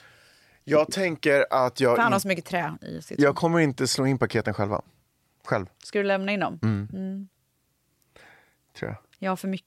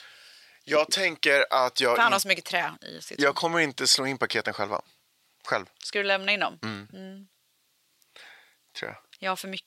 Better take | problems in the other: first | thin; somewhat; fading below 950 Hz

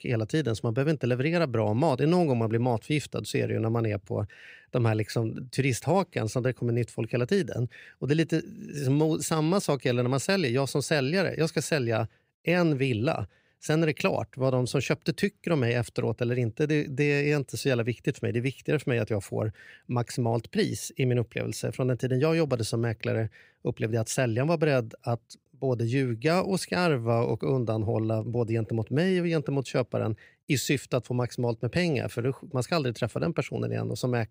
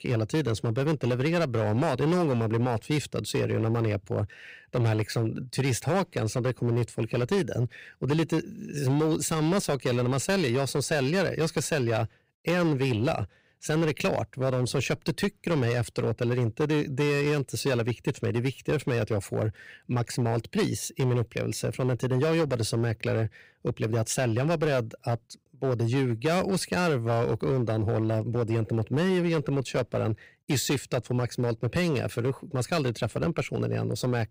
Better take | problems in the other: first | distortion; slight; 9% of the sound clipped

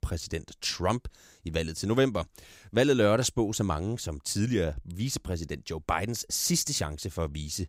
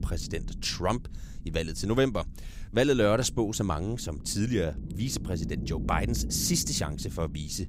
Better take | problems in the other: first | low rumble; noticeable; throughout; 15 dB below the speech

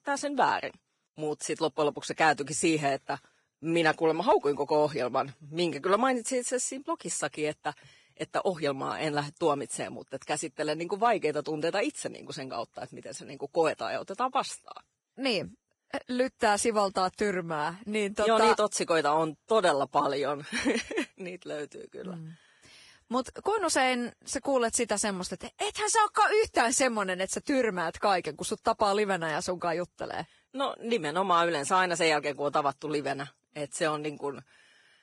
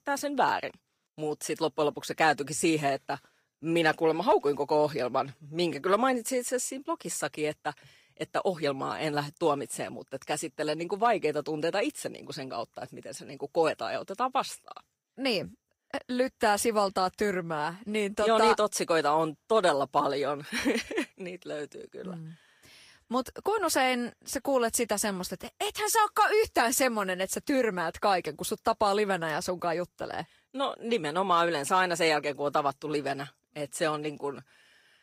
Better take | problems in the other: second | garbled, watery; badly; nothing above 10 kHz; slightly in the second

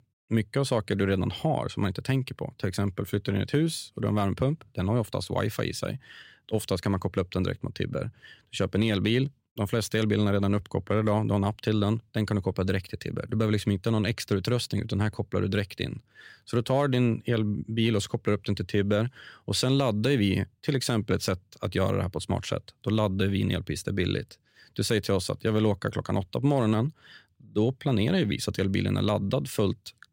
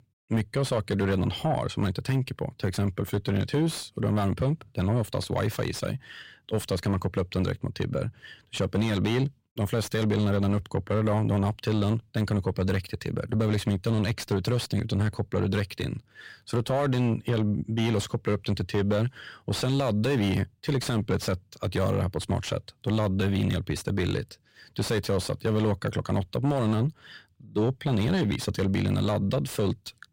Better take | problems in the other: first | distortion; slight; 10 dB below the speech

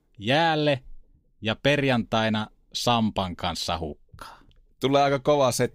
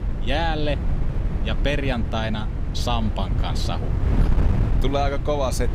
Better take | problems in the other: first | wind noise on the microphone; heavy; 9 dB below the speech

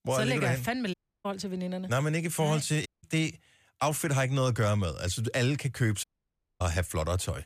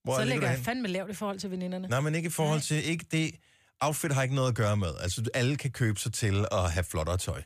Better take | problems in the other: second | audio cutting out; at 1 s, at 3 s and at 6 s for 0.5 s

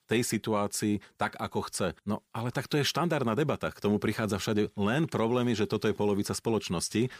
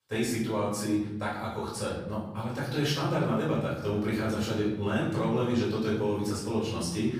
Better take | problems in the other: first | room echo; noticeable; dies away in 1.1 s // off-mic speech; far

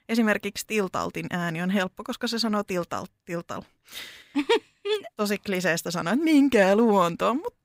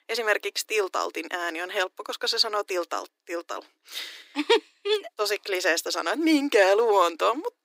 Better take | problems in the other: first | thin; somewhat; fading below 300 Hz

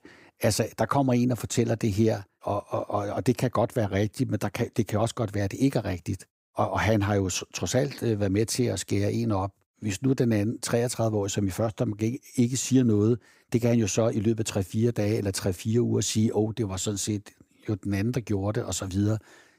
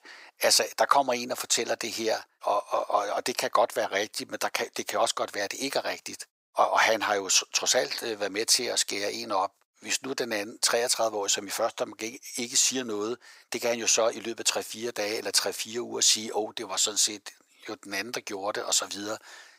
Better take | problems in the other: first | thin; very; fading below 800 Hz

